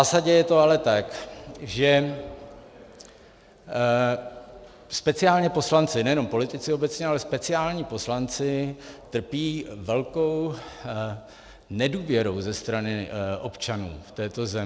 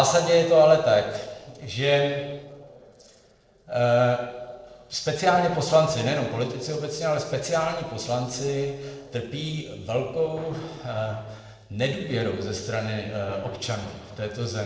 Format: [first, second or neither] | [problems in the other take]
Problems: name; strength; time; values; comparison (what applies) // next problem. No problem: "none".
first | noise reduction (neural separator model SepFormer DNS4)